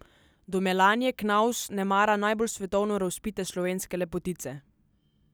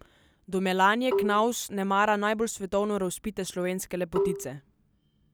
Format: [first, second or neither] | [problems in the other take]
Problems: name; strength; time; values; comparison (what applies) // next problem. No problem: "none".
first | background sound (Marimba, xylophone); 3 dB below the speech